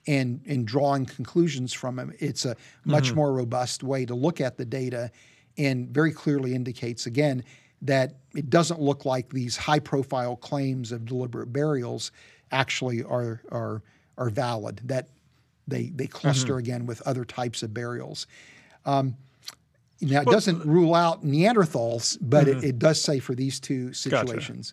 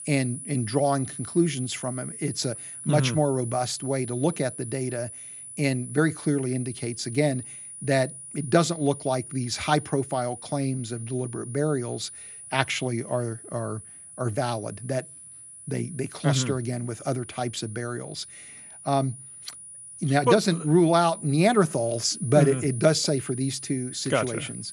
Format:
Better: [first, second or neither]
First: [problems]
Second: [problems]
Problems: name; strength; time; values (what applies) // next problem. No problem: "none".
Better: first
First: none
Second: high-pitched whine; noticeable; throughout; 9.5 kHz, 10 dB below the speech